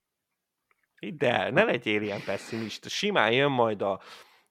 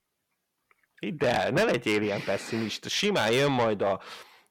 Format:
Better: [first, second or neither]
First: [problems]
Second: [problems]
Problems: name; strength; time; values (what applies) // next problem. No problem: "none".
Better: first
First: none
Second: distortion; heavy; 7 dB below the speech